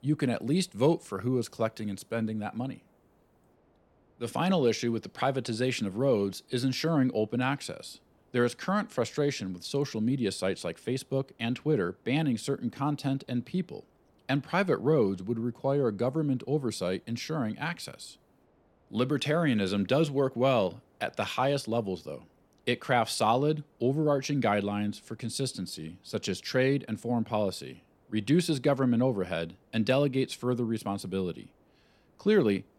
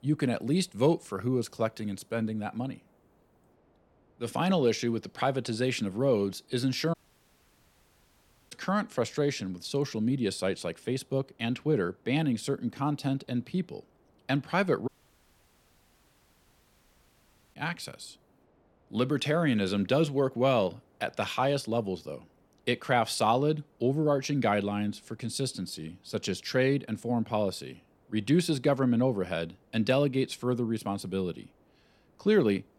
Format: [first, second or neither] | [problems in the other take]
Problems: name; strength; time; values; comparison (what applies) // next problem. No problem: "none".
first | audio cutting out; at 7 s for 1.5 s and at 15 s for 2.5 s